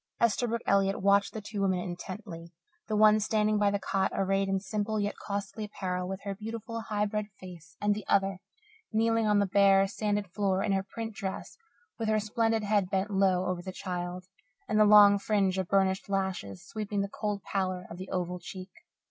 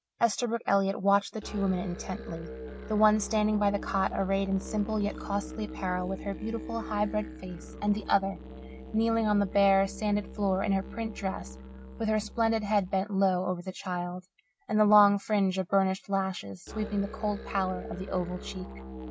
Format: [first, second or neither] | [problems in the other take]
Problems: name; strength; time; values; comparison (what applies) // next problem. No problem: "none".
first | background sound (Musical instrument); 13 dB below the speech